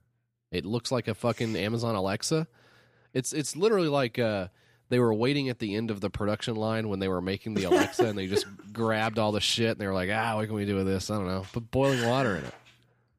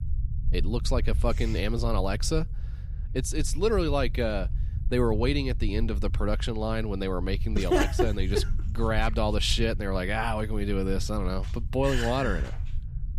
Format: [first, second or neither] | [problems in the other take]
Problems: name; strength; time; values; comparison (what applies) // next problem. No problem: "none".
first | low rumble; faint; throughout; 20 dB below the speech